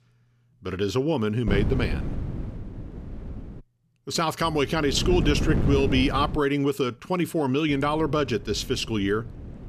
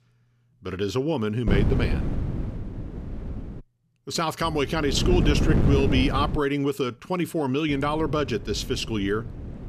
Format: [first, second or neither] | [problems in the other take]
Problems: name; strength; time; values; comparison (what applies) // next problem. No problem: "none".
first | wind noise on the microphone; heavy; from 1.5 to 3.5 s, from 4.5 to 6.5 s and from 7.5 s on; 9 dB below the speech; occasional gusts in the first